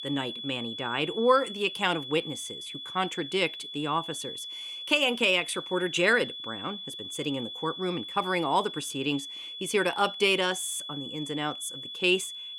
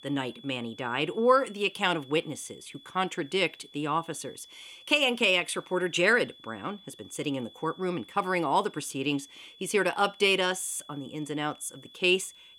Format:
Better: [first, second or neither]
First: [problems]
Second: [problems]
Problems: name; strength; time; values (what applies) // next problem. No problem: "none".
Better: second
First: high-pitched whine; loud; throughout; 3.5 kHz, 9 dB below the speech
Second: high-pitched whine; faint; throughout; 3.5 kHz, 25 dB below the speech